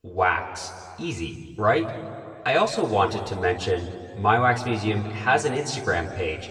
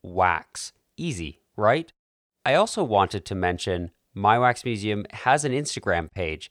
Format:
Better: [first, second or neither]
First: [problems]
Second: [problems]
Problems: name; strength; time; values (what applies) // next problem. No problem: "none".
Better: second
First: room echo; slight; dies away in 1.8 s // off-mic speech; far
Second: none